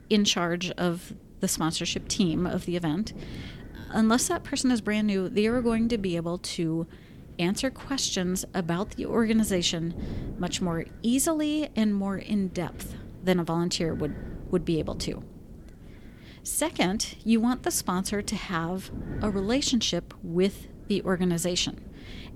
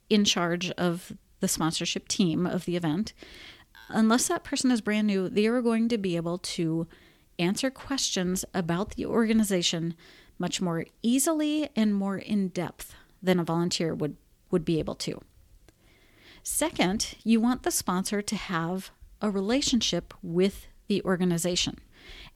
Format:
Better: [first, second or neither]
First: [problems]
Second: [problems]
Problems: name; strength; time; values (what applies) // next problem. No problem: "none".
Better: second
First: wind noise on the microphone; occasional gusts; 20 dB below the speech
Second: none